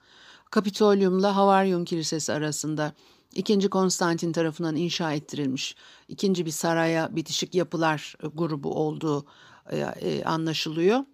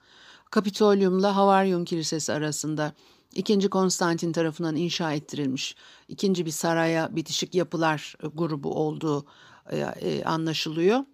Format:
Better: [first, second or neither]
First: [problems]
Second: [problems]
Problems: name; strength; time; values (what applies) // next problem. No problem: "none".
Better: neither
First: none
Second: none